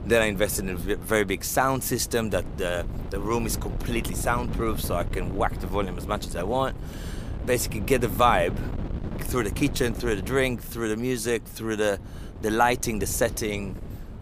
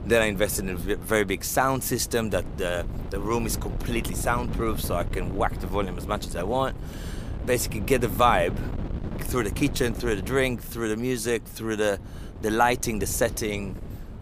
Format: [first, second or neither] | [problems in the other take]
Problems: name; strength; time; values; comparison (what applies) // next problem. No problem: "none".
neither | wind noise on the microphone; occasional gusts; 15 dB below the speech; the same in both